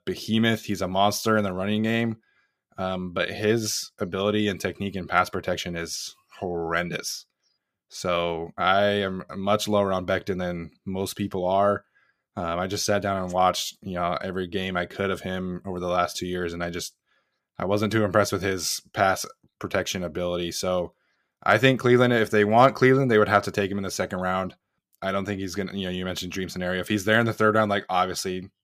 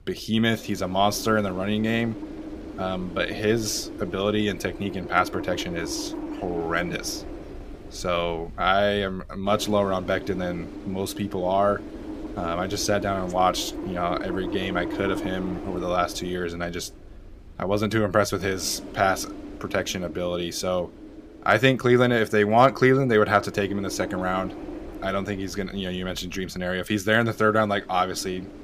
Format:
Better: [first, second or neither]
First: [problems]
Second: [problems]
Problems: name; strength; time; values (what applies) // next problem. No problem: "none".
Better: first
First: none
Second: wind noise on the microphone; occasional gusts; 15 dB below the speech